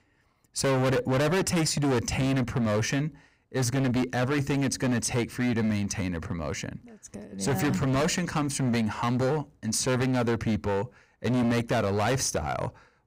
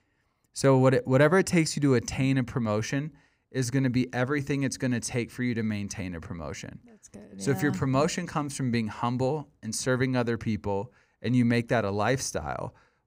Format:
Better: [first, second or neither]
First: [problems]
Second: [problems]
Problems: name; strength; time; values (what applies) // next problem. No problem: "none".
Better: second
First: distortion; heavy; 21% of the sound clipped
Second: none